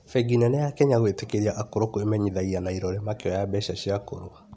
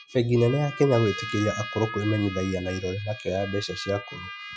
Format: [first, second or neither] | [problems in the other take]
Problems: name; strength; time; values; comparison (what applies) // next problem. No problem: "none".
first | noise reduction (classical method Wiener filter)